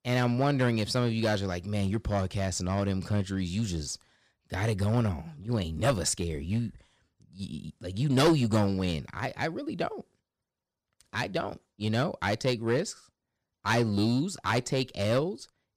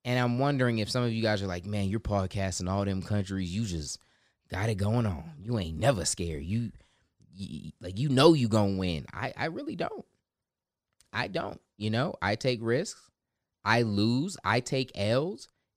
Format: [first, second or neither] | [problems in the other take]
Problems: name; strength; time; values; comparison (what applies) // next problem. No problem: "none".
second | distortion; slight; 3% of the sound clipped